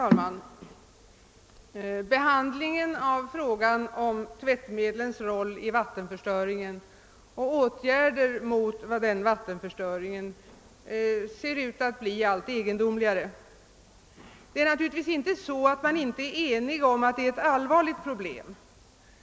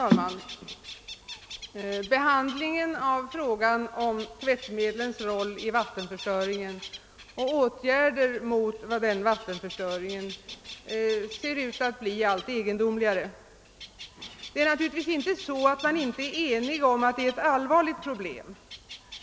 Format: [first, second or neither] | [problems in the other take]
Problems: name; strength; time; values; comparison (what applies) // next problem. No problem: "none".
first | background sound (Bird); 17 dB below the speech